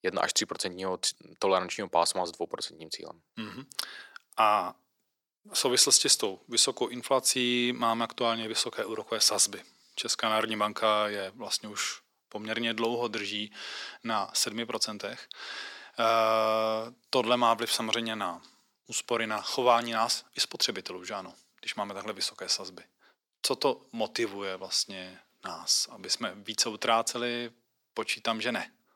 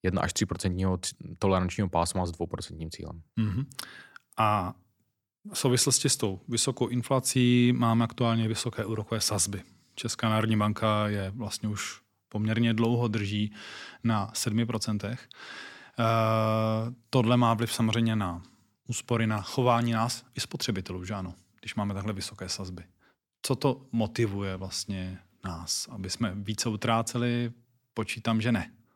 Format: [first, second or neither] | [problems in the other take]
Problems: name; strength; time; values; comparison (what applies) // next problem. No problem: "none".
second | thin; somewhat; fading below 450 Hz